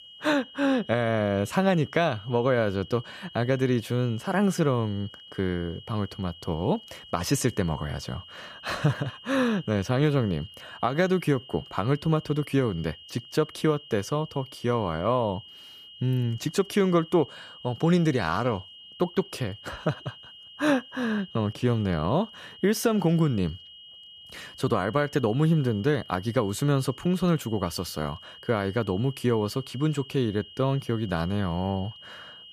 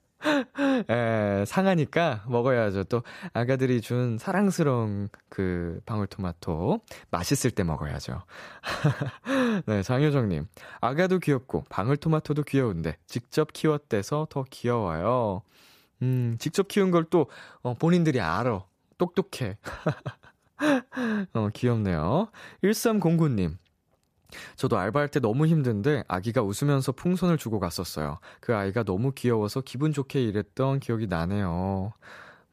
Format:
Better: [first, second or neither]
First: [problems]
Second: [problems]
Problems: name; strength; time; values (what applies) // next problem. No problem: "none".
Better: second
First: high-pitched whine; noticeable; throughout; 3 kHz, 20 dB below the speech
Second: none